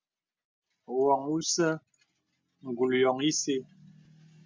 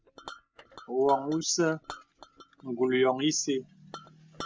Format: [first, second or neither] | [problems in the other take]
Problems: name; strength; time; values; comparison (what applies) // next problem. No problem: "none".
first | background sound (Chink, clink); 18 dB below the speech